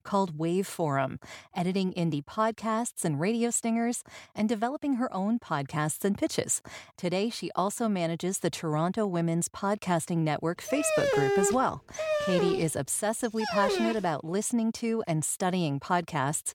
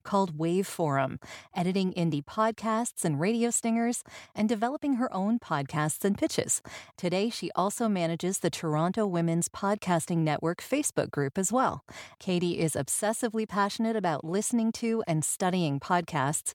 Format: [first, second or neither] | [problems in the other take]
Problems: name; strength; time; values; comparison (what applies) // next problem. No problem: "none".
second | dog barking; loud; from 11 to 14 s; peak 3 dB above the speech